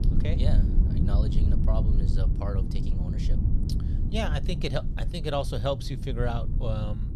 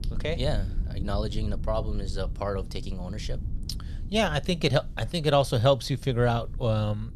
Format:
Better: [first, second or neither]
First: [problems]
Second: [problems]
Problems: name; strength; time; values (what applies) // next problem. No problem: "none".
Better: second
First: low rumble; loud; throughout; 7 dB below the speech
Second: low rumble; faint; throughout; 25 dB below the speech